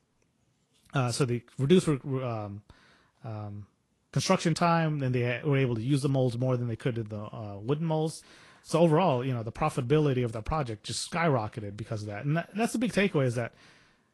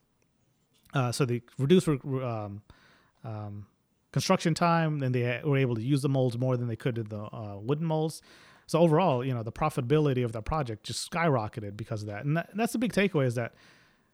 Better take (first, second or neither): second